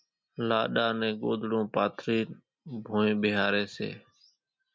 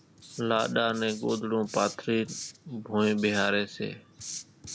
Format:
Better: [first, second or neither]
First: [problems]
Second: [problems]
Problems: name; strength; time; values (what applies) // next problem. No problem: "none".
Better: first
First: none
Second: background sound (Writing); 15 dB below the speech